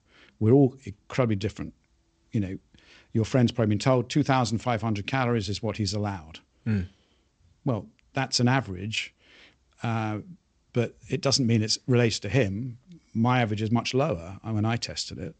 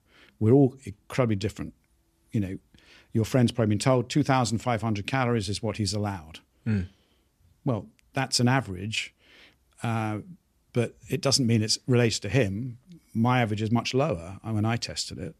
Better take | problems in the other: second | garbled, watery; slightly; nothing above 8 kHz

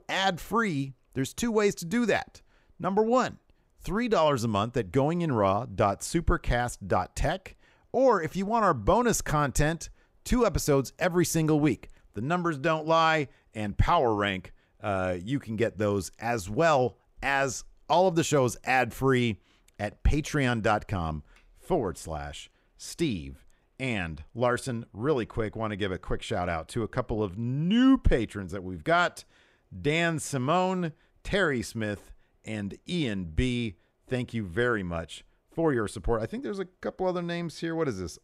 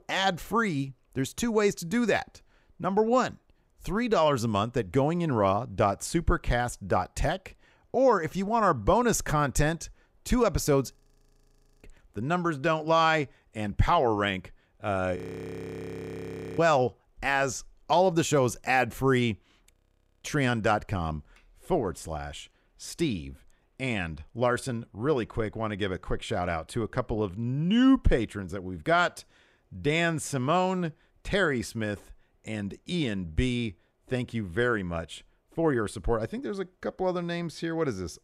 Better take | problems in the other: first | audio freezing; at 11 s for 1 s, at 15 s for 1.5 s and at 20 s for 0.5 s

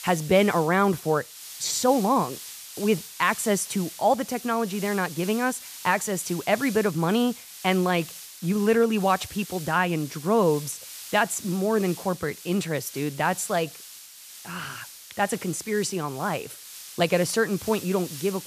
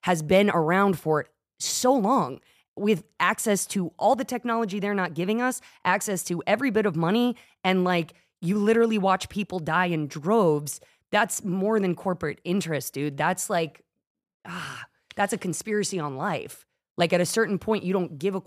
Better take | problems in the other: second | hiss; noticeable; throughout; 15 dB below the speech

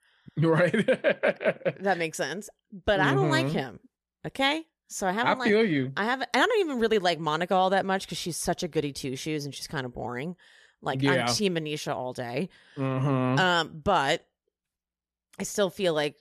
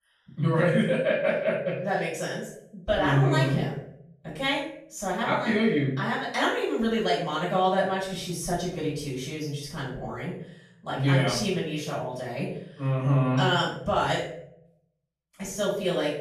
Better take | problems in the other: first | room echo; noticeable; dies away in 0.5 s // off-mic speech; far

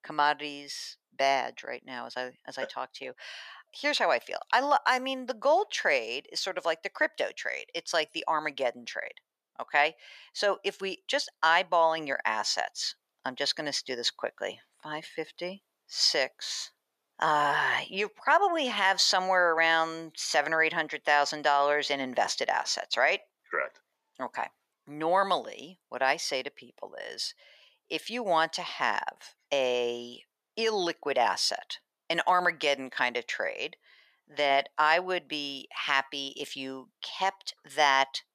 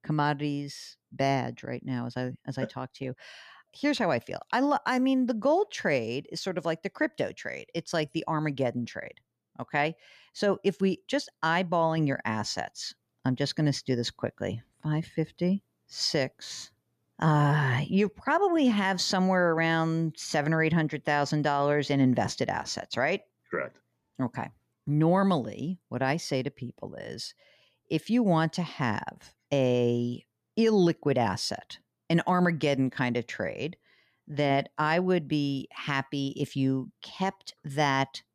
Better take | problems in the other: second | thin; very; fading below 700 Hz

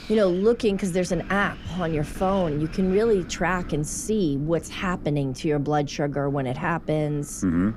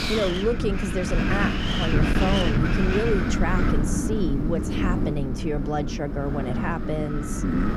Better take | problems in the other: first | wind noise on the microphone; heavy; as loud as the speech; occasional gusts in the first

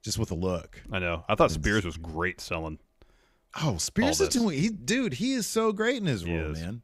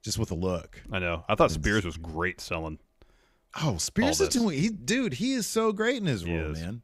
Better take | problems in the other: neither | none

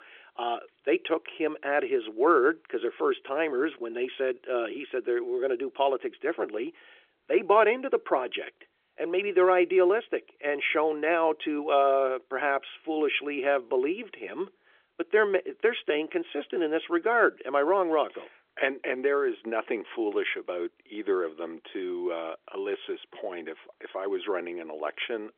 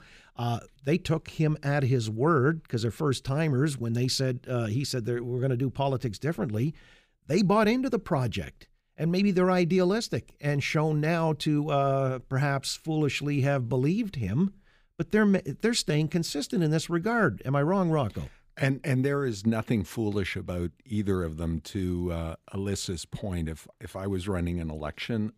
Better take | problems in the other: second | phone-call audio; nothing above 3.5 kHz

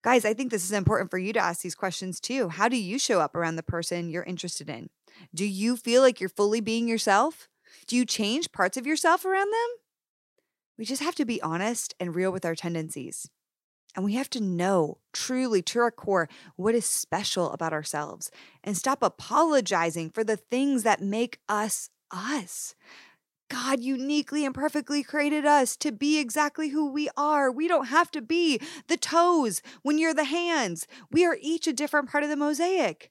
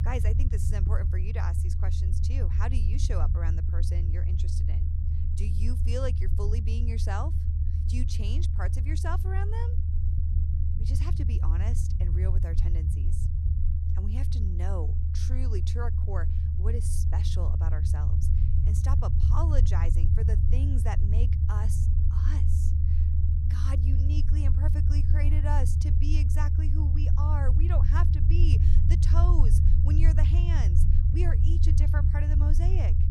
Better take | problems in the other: first | low rumble; loud; throughout; 2 dB below the speech

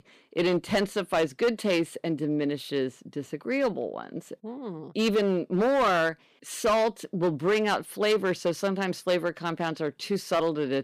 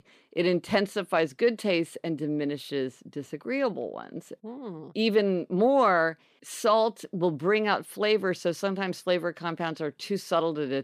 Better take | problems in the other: second | distortion; slight; 6% of the sound clipped

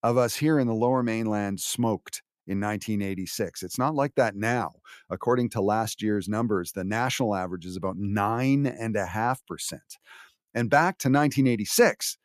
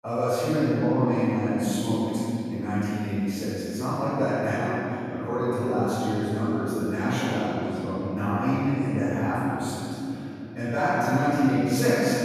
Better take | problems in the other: first | off-mic speech; far // room echo; strong; dies away in 3 s

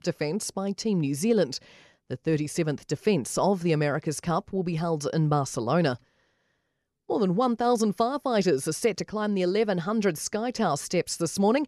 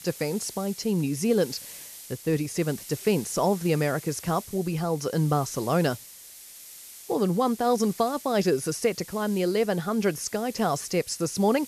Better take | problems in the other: first | hiss; noticeable; throughout; 15 dB below the speech

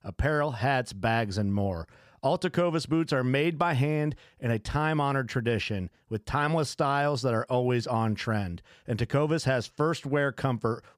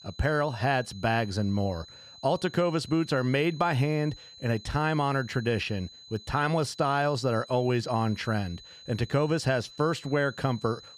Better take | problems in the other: first | high-pitched whine; noticeable; throughout; 4 kHz, 20 dB below the speech

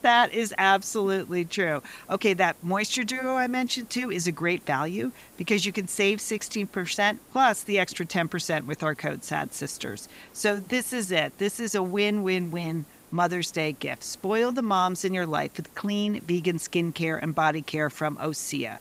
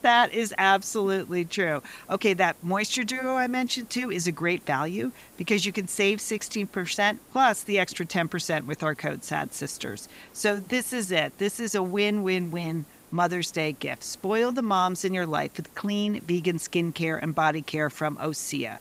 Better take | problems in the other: neither | hiss; faint; throughout; 25 dB below the speech; the same in both

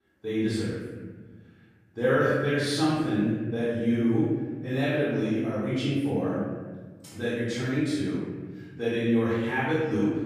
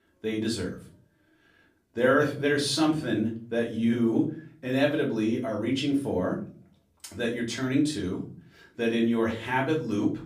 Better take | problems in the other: second | room echo; strong; dies away in 1.7 s; slight in the second // off-mic speech; far; far in the second

